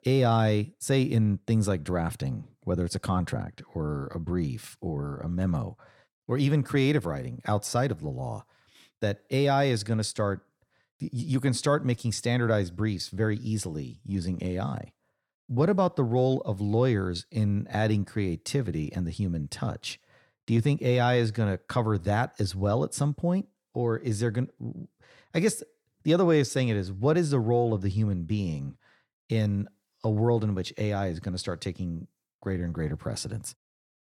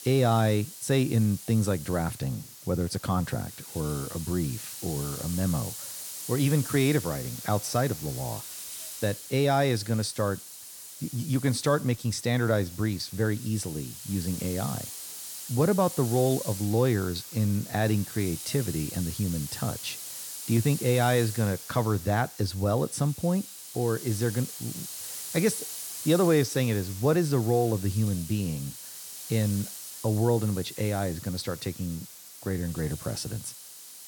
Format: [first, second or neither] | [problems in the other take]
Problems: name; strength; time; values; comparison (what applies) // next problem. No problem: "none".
first | hiss; noticeable; throughout; 10 dB below the speech